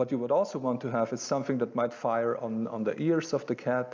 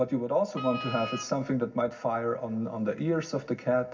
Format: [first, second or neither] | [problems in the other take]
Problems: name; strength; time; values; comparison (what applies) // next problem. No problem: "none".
first | background sound (Wind instrument, woodwind instrument); 10 dB below the speech // room echo; dies away in 0.4 s